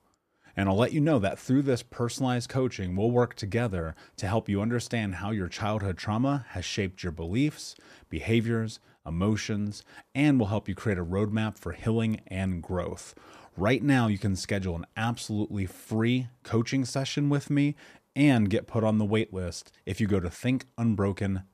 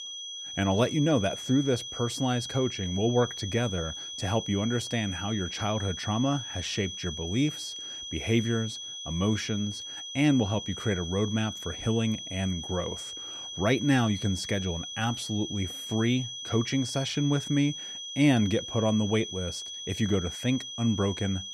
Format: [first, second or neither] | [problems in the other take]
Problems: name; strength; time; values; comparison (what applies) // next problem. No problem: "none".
first | high-pitched whine; loud; throughout; 3.5 kHz, 7 dB below the speech